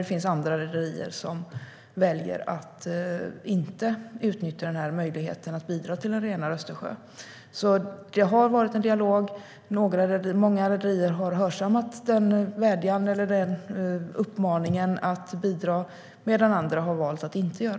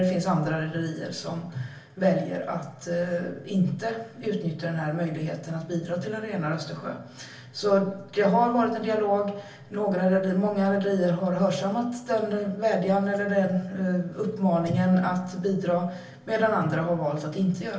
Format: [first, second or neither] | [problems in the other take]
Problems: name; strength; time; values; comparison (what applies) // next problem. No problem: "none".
first | room echo; dies away in 0.3 s